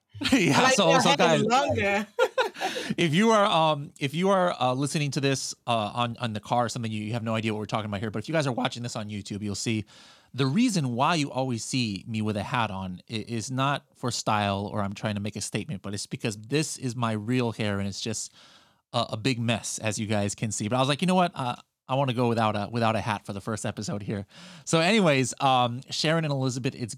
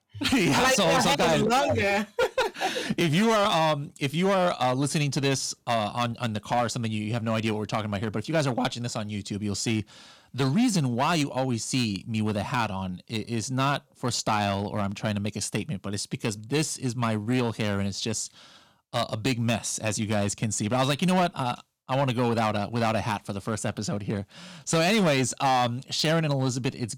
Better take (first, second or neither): first